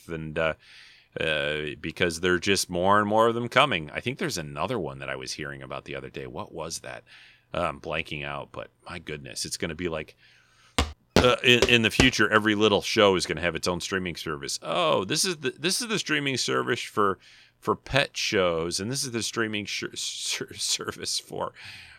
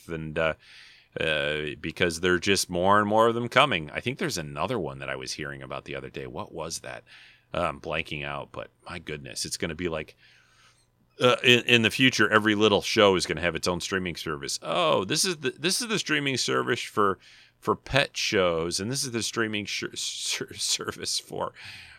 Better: second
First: footsteps; loud; from 11 to 12 s; peak level with the speech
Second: none

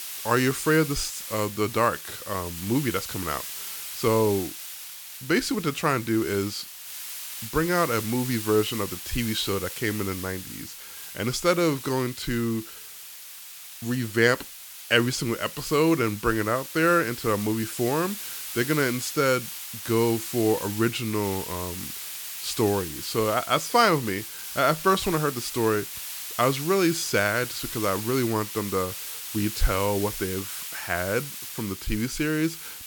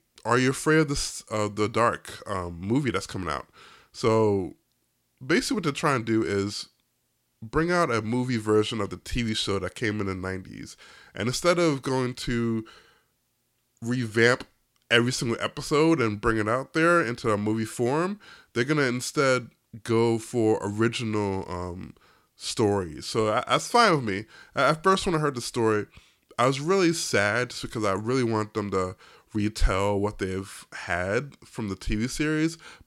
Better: second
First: hiss; loud; throughout; 9 dB below the speech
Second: none

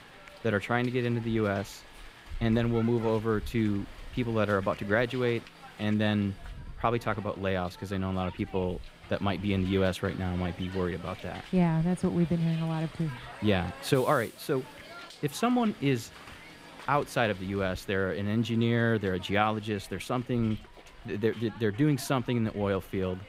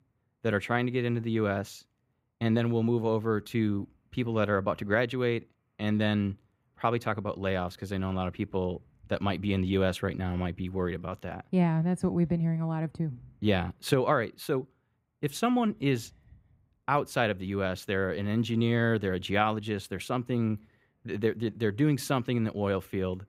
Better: second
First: hiss; noticeable; throughout; 20 dB below the speech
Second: none

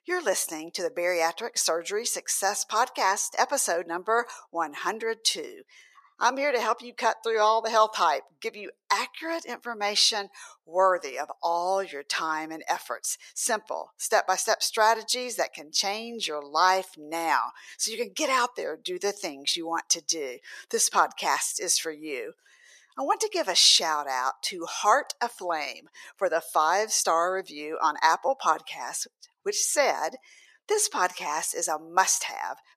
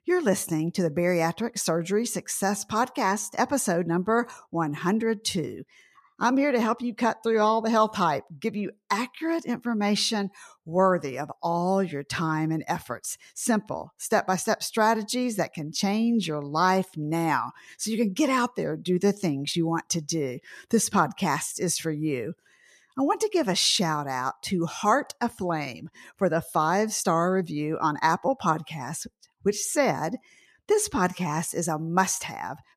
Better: second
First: thin; very; fading below 500 Hz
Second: none

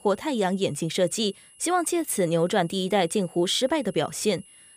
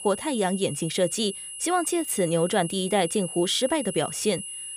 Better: first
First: high-pitched whine; faint; throughout; 10.5 kHz, 25 dB below the speech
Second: high-pitched whine; loud; throughout; 10.5 kHz, 9 dB below the speech

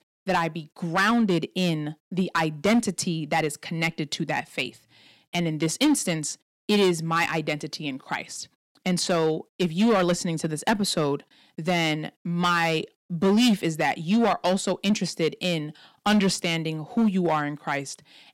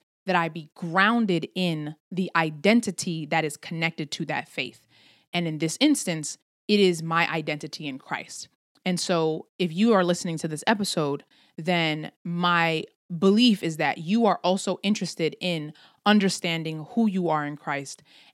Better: second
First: distortion; slight; 5% of the sound clipped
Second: none

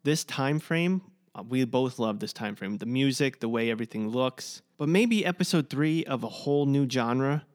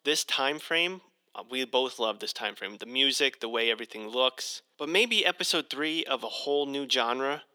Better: first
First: none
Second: thin; very; fading below 450 Hz

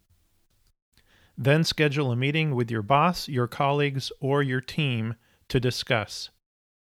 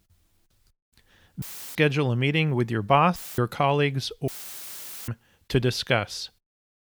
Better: first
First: none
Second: audio cutting out; filled with static; at 1.5 s, at 3 s and at 4.5 s for 1 s

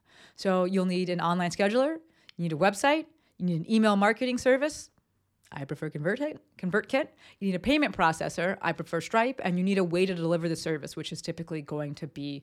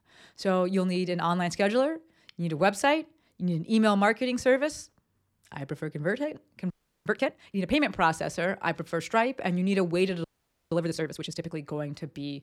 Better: first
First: none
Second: audio freezing; at 6.5 s and at 10 s

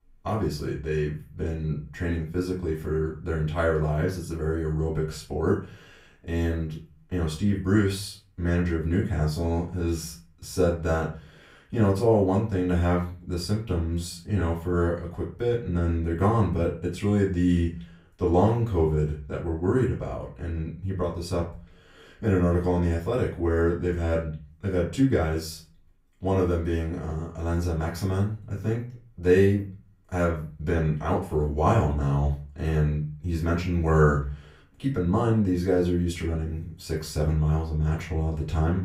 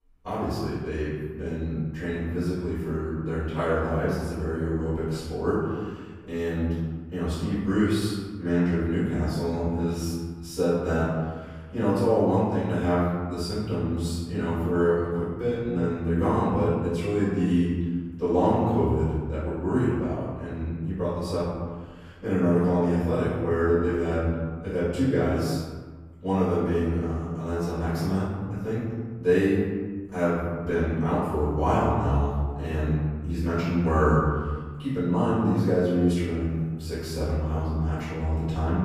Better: first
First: room echo; slight; dies away in 0.3 s // off-mic speech; far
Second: room echo; strong; dies away in 1.5 s // off-mic speech; far

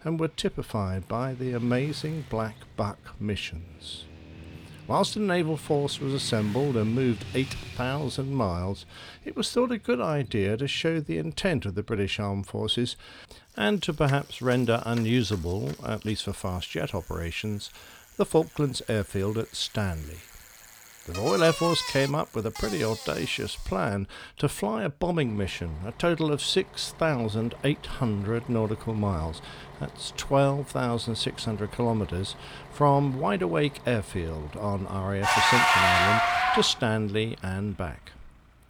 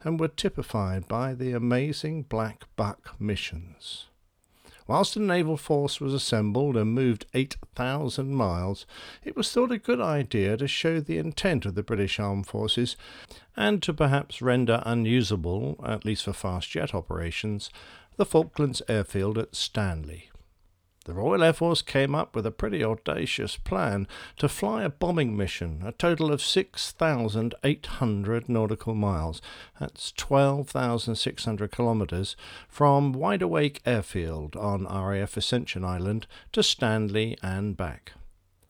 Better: second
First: traffic noise; very loud; throughout; as loud as the speech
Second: none

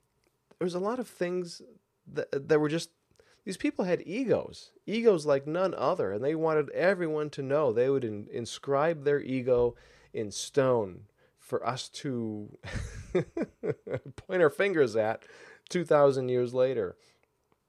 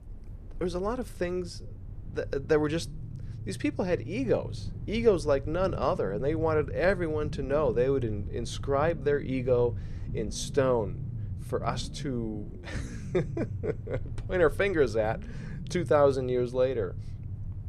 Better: first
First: none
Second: low rumble; faint; throughout; 20 dB below the speech

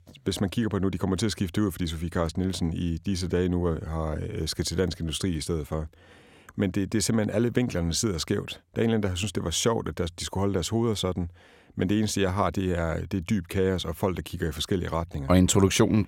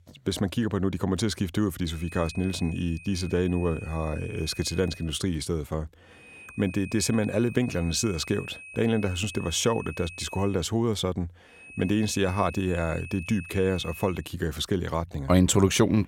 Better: first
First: none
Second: high-pitched whine; noticeable; from 2 to 5 s, from 6 to 11 s and from 12 to 14 s; 2.5 kHz, 15 dB below the speech

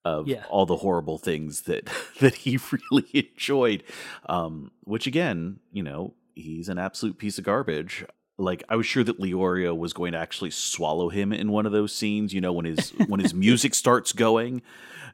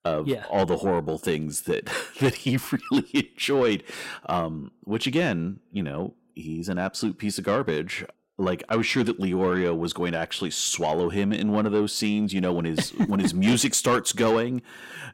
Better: first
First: none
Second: distortion; slight; 10 dB below the speech

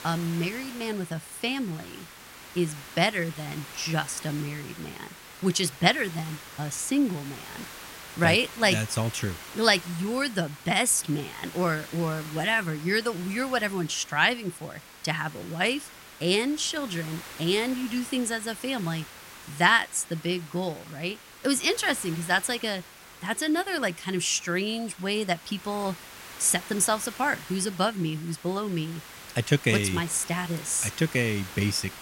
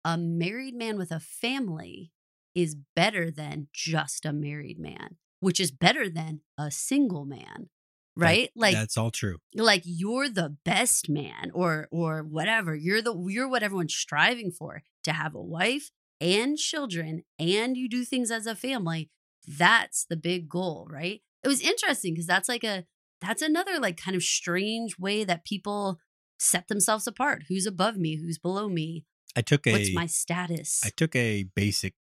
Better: second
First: hiss; noticeable; throughout; 15 dB below the speech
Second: none

